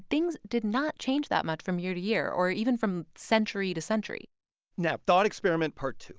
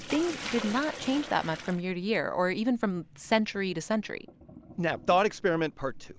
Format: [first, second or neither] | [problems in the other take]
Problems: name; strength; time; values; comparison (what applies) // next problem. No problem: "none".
first | background sound (Sink (filling or washing)); 15 dB below the speech